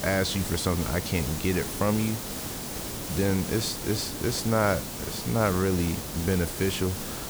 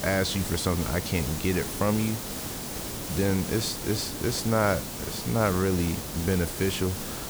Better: neither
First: hiss; loud; throughout; 5 dB below the speech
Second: hiss; loud; throughout; 5 dB below the speech

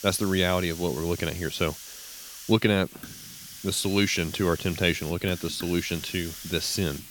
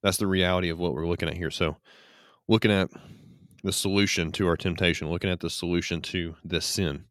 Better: second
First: hiss; noticeable; throughout; 10 dB below the speech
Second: none

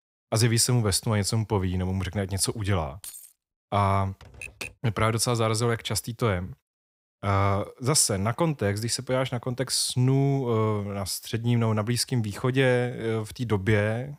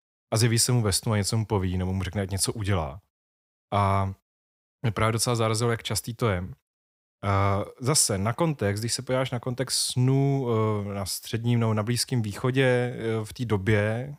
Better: second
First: jangling keys; faint; at 3 s; peak 15 dB below the speech // keyboard typing; faint; at 4 s; peak 10 dB below the speech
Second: none

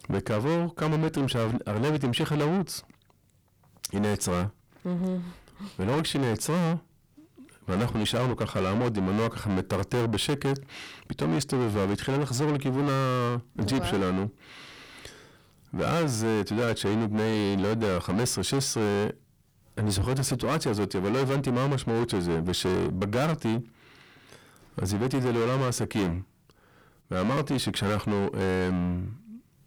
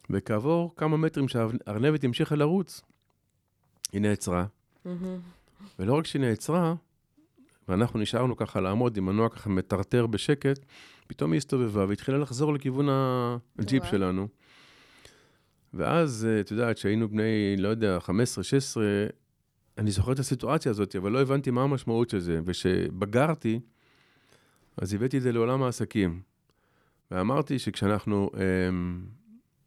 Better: second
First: distortion; heavy; 6 dB below the speech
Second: none

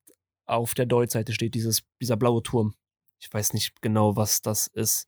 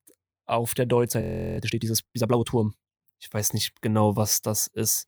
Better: first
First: none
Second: audio freezing; at 1 s

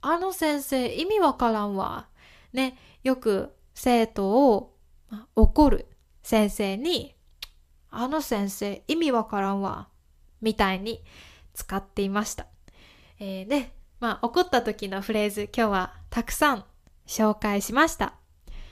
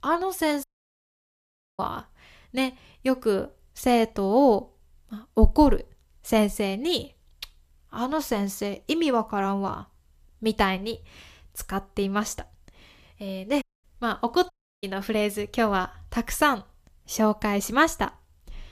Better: first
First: none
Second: audio cutting out; at 0.5 s for 1 s, at 14 s and at 15 s

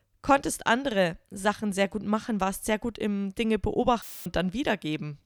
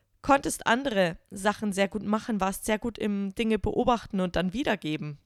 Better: second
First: audio cutting out; filled with static; at 4 s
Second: none

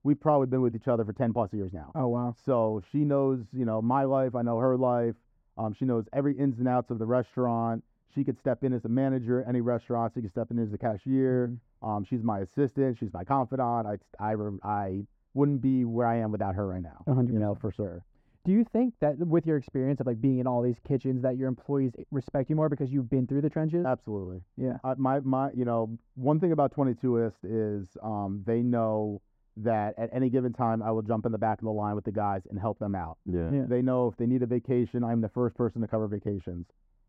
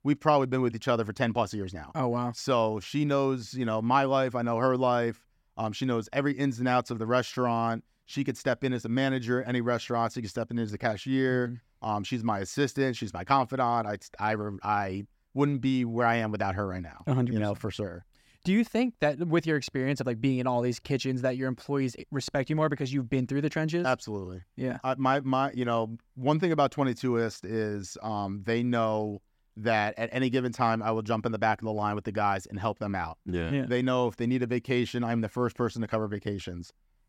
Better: second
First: muffled; very; fading above 1.5 kHz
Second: none

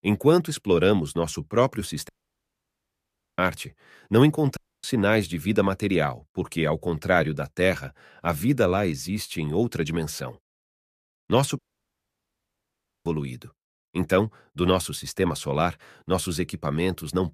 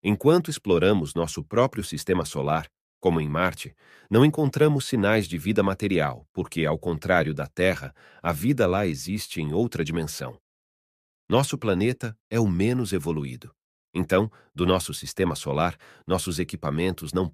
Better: second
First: audio cutting out; at 2 s for 1.5 s, at 4.5 s and at 12 s for 1.5 s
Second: none

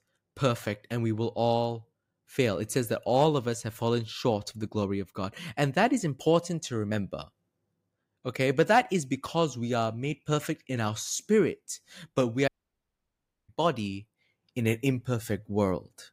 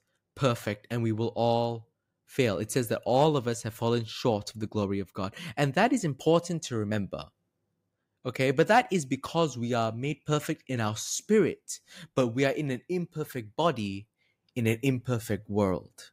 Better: second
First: audio cutting out; at 12 s for 1 s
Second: none

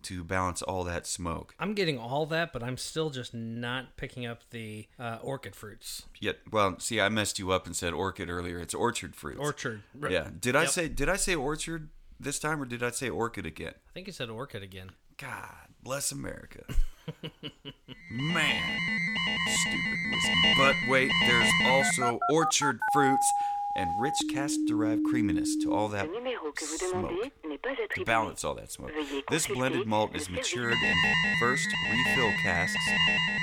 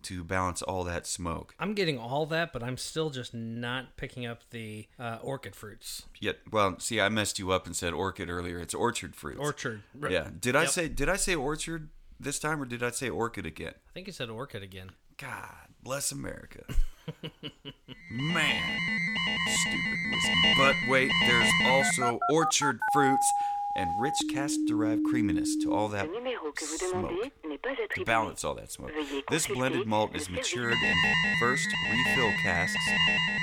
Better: neither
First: alarms or sirens; very loud; from 18 s on; 4 dB above the speech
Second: alarms or sirens; very loud; from 18 s on; 4 dB above the speech

